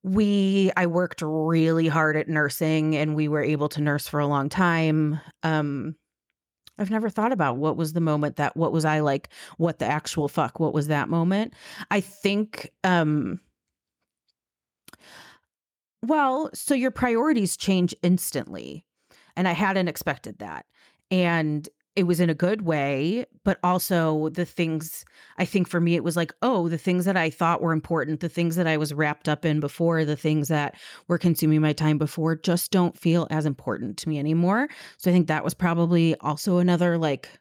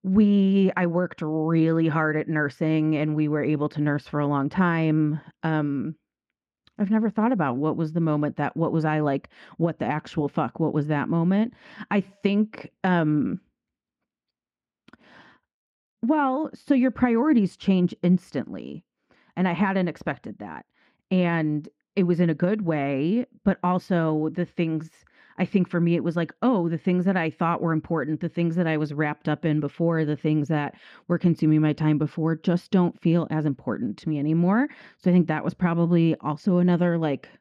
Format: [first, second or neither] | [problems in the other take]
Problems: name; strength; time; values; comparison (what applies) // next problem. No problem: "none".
first | muffled; slightly; fading above 3 kHz